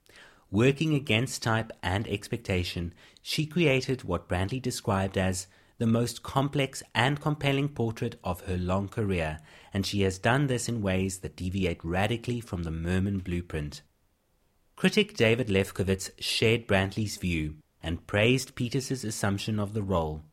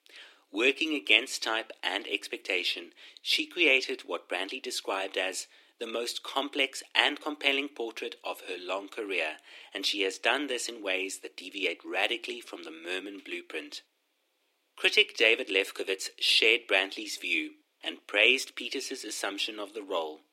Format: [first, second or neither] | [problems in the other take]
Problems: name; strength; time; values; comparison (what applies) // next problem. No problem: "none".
first | thin; somewhat; fading below 300 Hz